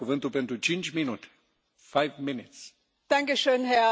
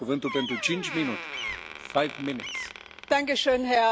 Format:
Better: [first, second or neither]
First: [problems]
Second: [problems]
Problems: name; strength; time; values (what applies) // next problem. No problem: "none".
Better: first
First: none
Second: background sound (Bird vocalization, bird call, bird song + Door); 10 dB below the speech